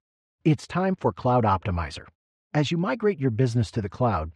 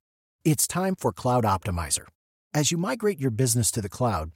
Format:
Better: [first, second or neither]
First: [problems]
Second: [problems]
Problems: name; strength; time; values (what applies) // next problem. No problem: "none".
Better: second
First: muffled; very; fading above 3.5 kHz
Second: none